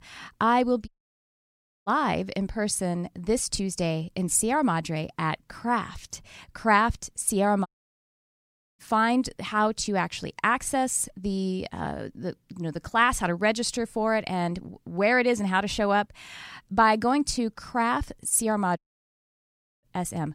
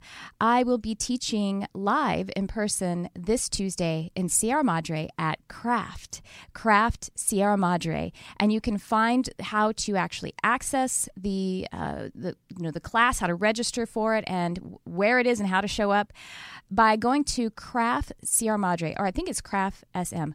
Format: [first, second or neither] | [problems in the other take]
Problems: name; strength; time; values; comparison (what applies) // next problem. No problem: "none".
second | audio cutting out; at 1 s for 1 s, at 7.5 s for 1 s and at 19 s for 1 s